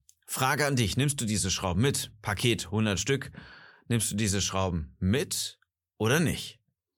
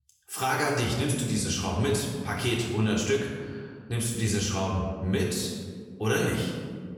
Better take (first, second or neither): first